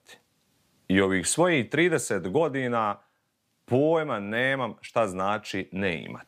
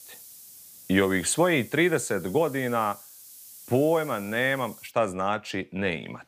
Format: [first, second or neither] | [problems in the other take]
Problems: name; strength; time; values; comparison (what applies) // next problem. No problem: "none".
first | hiss; noticeable; until 5 s; 20 dB below the speech